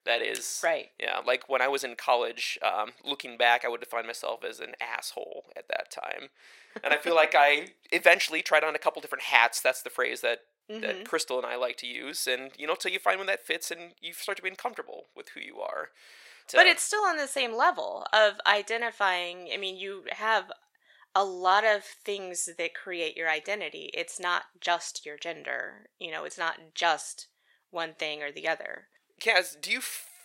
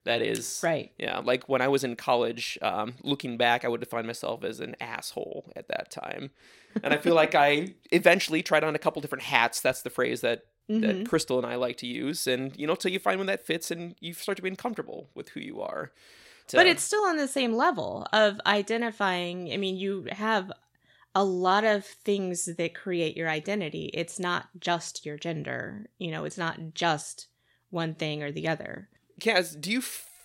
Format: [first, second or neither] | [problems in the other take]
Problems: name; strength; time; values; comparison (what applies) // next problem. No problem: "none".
second | thin; very; fading below 650 Hz